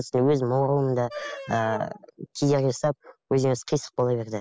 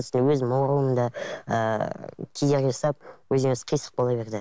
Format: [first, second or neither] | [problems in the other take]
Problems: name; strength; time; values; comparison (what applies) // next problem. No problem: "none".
second | noise reduction (classical method spectral subtraction)